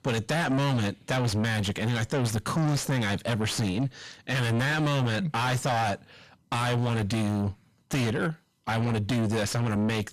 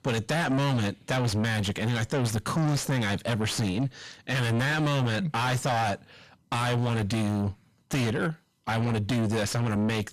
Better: neither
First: distortion; heavy; 5 dB below the speech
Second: distortion; heavy; 5 dB below the speech

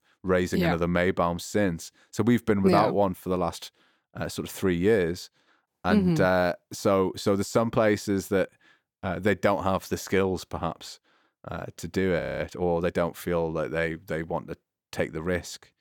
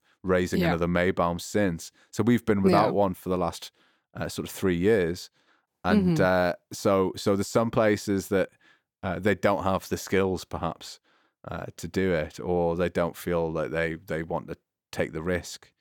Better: second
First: audio freezing; at 12 s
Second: none

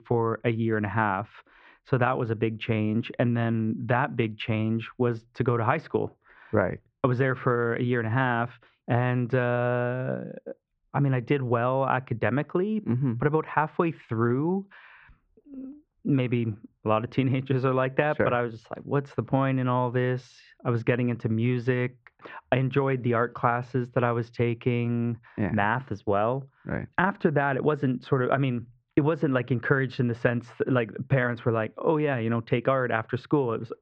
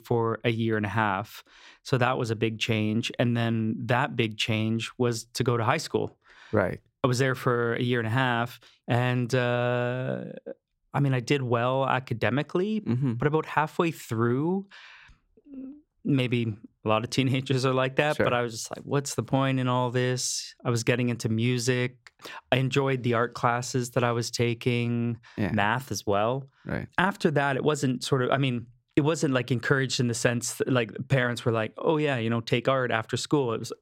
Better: second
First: muffled; very; fading above 2 kHz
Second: none

